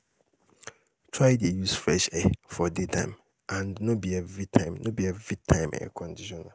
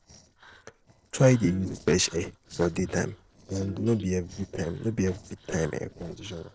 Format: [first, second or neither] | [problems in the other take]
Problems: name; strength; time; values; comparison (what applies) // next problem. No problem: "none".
first | noise reduction (neural separator model SepFormer DNS4)